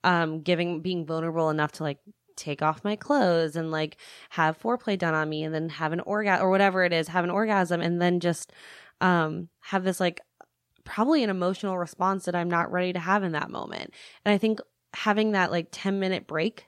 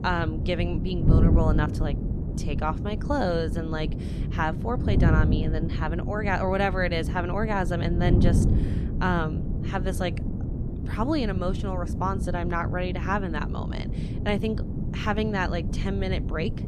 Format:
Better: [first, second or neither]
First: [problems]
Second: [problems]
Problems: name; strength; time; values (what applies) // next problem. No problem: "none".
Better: first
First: none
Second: wind noise on the microphone; heavy; 8 dB below the speech